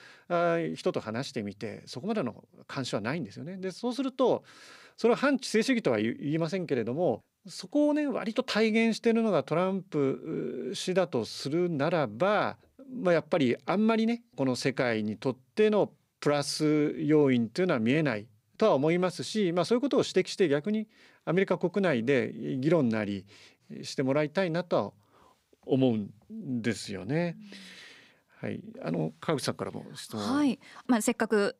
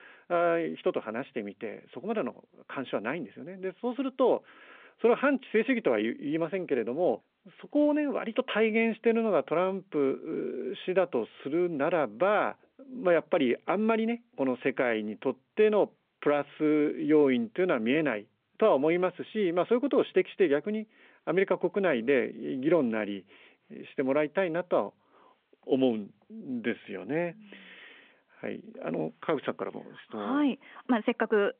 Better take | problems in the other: first | phone-call audio

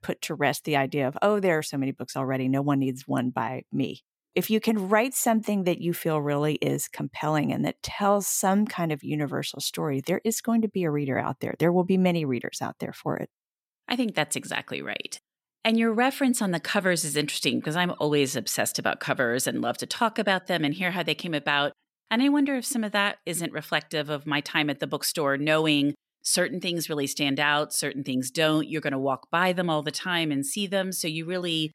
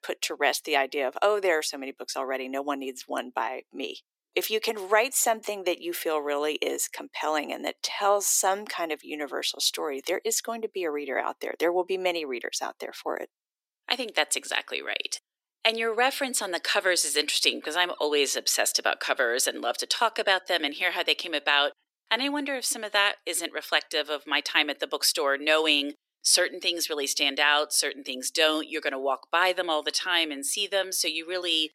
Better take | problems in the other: first | thin; somewhat; fading below 350 Hz

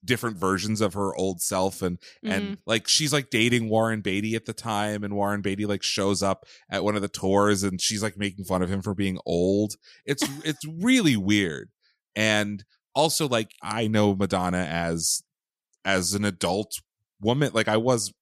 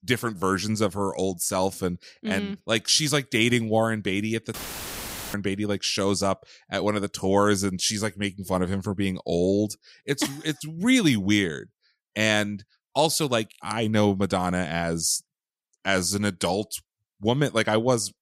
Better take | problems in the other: first | audio cutting out; filled with static; at 4.5 s for 1 s

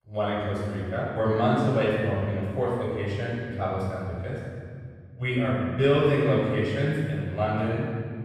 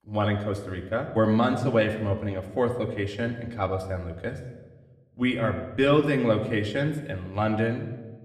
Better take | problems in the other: second | room echo; strong; dies away in 1.8 s; slight in the second // off-mic speech; far; somewhat distant in the second

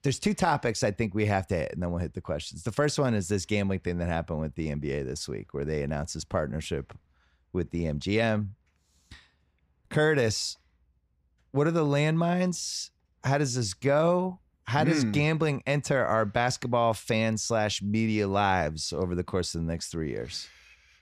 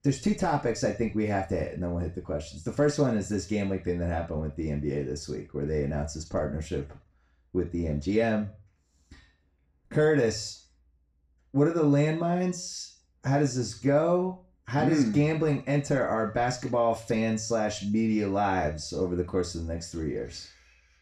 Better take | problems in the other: first | room echo; slight; dies away in 0.4 s // off-mic speech; far

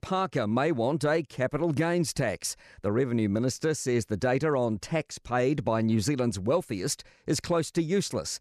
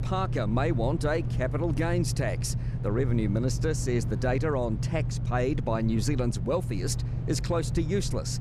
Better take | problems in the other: first | low rumble; noticeable; throughout; 10 dB below the speech

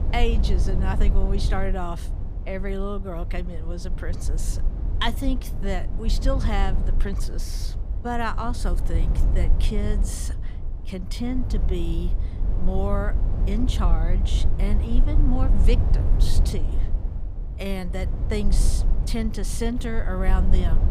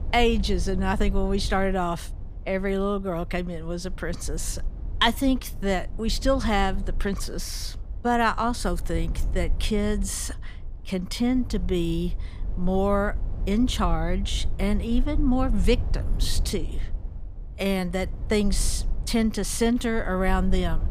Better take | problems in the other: second | low rumble; loud; throughout; 9 dB below the speech; faint in the second

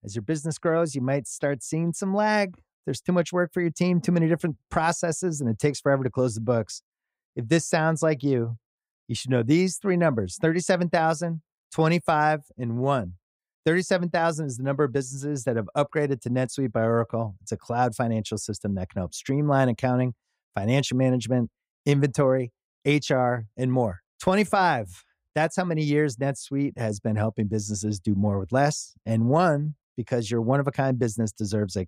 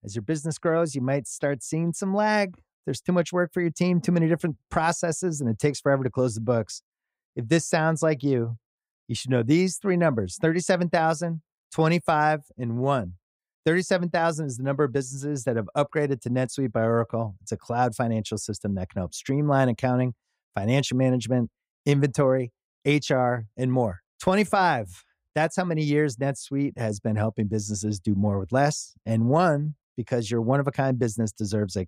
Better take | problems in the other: neither | none

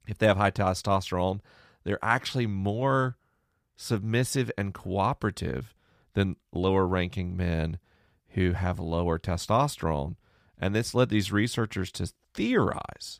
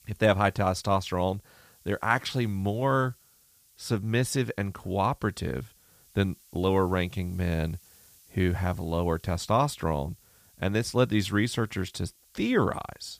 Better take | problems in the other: first | hiss; faint; throughout; 30 dB below the speech

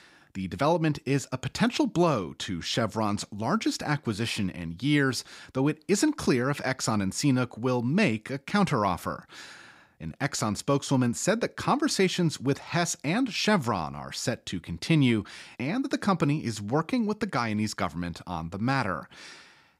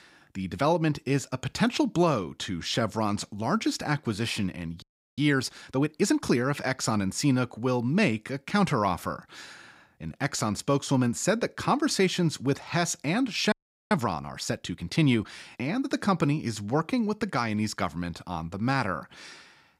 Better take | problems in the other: first | audio freezing; at 5 s and at 14 s

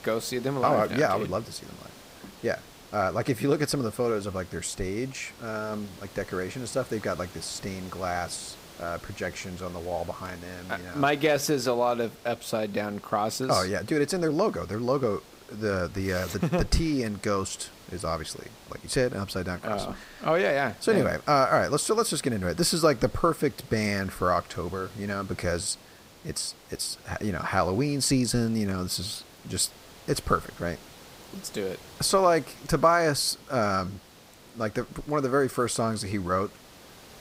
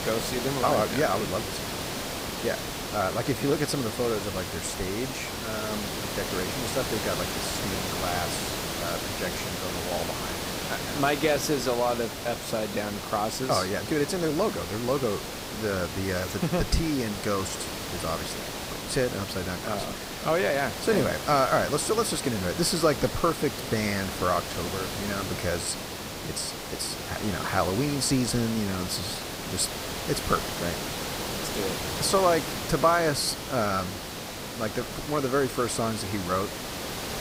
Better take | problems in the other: first | hiss; loud; throughout; 4 dB below the speech; faint in the first

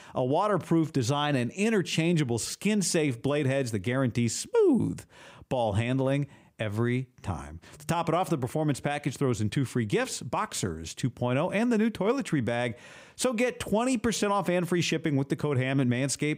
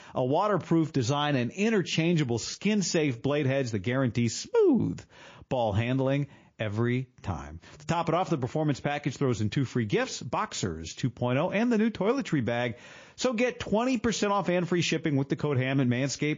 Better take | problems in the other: first | garbled, watery; slightly

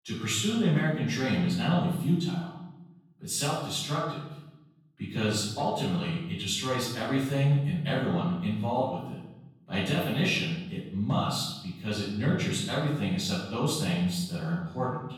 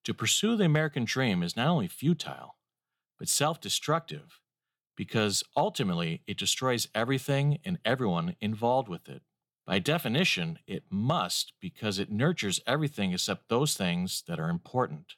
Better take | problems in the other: second | off-mic speech; far // room echo; noticeable; dies away in 0.9 s

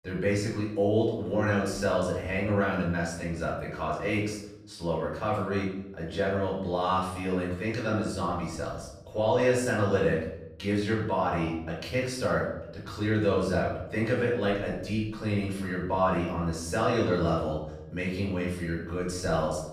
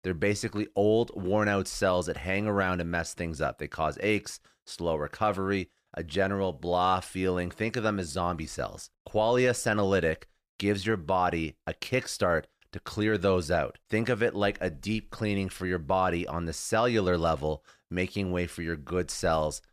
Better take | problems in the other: second | off-mic speech; far // room echo; noticeable; dies away in 0.7 s

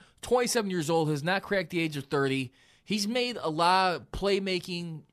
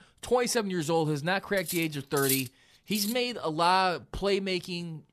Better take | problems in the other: first | clattering dishes; noticeable; from 1.5 to 3 s; peak 1 dB below the speech

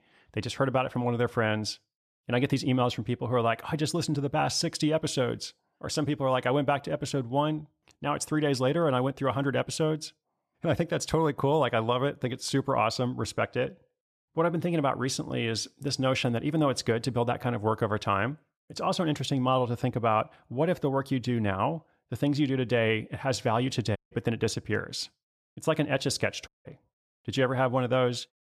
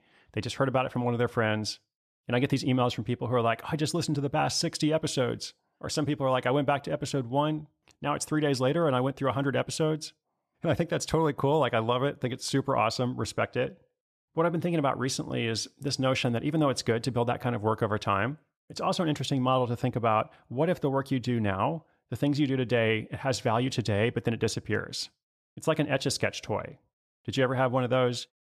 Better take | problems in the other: second | audio cutting out; at 24 s and at 26 s

